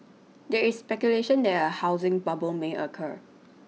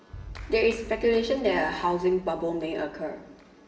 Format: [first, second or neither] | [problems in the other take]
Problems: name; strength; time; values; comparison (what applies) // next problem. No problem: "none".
first | background sound (Clapping); 18 dB below the speech // room echo; dies away in 0.8 s